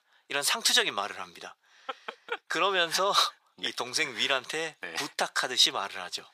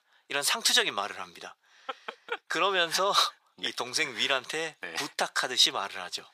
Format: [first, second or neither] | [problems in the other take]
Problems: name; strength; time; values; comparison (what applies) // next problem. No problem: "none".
neither | thin; very; fading below 900 Hz; the same in both